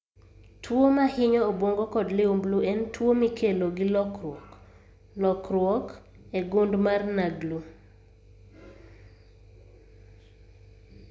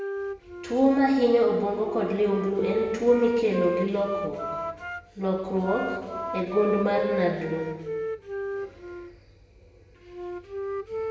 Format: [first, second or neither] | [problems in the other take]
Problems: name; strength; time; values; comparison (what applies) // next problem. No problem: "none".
first | background sound (Wind instrument, woodwind instrument); 7 dB below the speech // room echo; dies away in 1.2 s